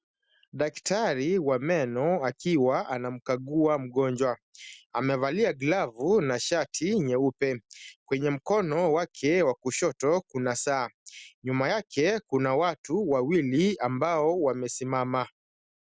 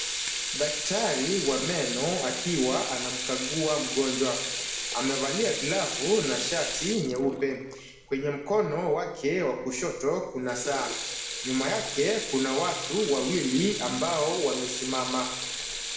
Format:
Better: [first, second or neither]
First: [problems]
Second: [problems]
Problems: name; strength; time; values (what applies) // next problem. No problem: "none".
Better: first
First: none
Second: background sound (Sink (filling or washing) / Water tap, faucet); 5 dB below the speech // room echo; dies away in 0.9 s